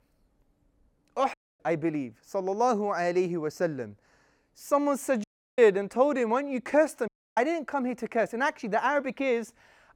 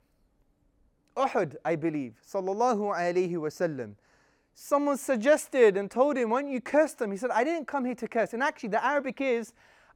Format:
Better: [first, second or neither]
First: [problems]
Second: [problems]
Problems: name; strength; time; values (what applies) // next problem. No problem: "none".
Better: second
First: audio cutting out; at 1.5 s, at 5 s and at 7 s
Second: none